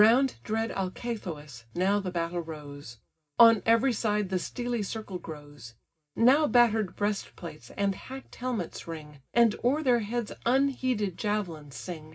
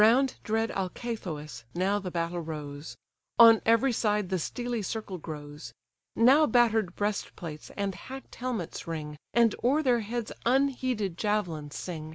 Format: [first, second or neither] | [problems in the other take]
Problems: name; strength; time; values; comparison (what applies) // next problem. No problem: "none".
second | room echo; dies away in 0.4 s